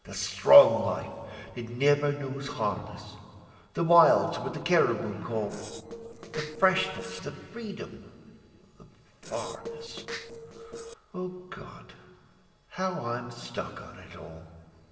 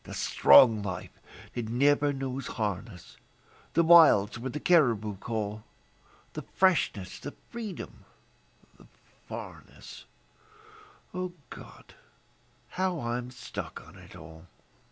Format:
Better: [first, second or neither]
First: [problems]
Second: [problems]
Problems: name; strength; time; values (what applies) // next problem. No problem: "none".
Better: second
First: noise reduction (neural separator model SepFormer DNS4)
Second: none